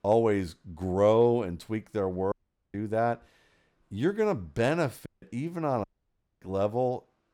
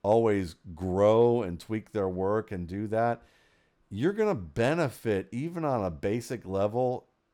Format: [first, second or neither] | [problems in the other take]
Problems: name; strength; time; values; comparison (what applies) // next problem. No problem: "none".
second | audio cutting out; at 2.5 s, at 5 s and at 6 s for 0.5 s